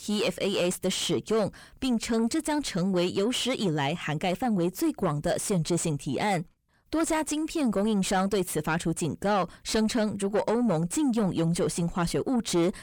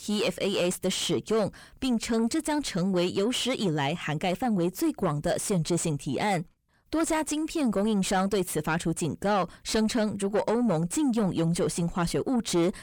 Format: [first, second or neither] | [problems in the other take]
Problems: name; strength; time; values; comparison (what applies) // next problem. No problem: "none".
neither | distortion; slight; 10 dB below the speech; the same in both